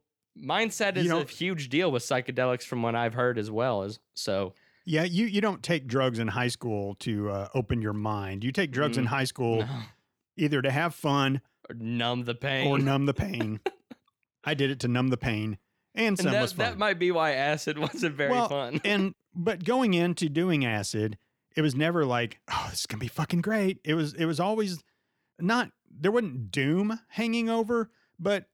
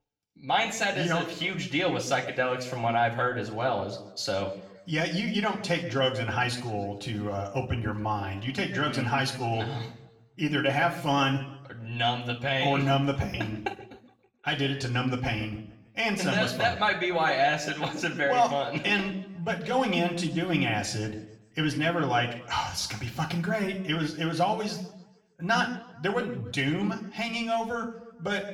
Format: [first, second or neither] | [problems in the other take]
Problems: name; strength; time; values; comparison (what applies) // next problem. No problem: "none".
first | room echo; slight; dies away in 0.6 s // off-mic speech; far